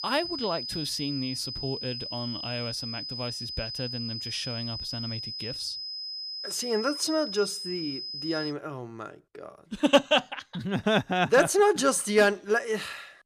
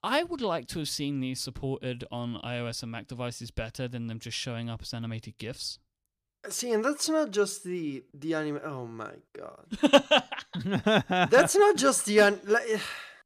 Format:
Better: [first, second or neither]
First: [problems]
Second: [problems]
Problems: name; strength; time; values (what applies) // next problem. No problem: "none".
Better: second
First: high-pitched whine; loud; until 8.5 s; 5 kHz, 6 dB below the speech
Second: none